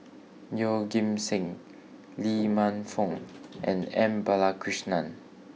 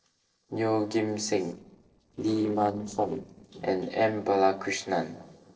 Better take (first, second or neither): first